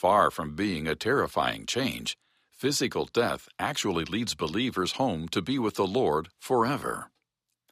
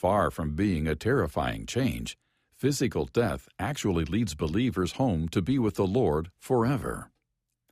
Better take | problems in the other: second | thin; very slightly; fading below 700 Hz

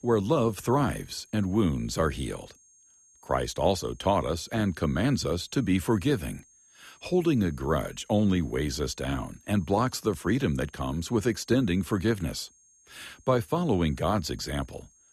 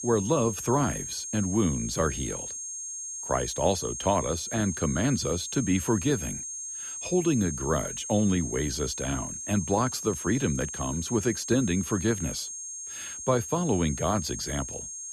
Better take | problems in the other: first | high-pitched whine; loud; throughout; 6.5 kHz, 6 dB below the speech; faint in the first

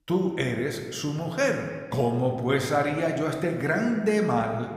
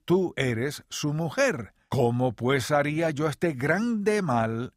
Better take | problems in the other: second | room echo; slight; dies away in 1.3 s

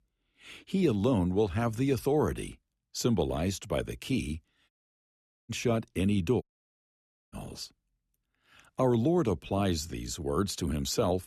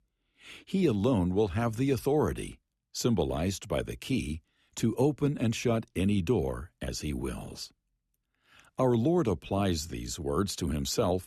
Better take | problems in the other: second | audio cutting out; at 4.5 s for 1 s and at 6.5 s for 1 s

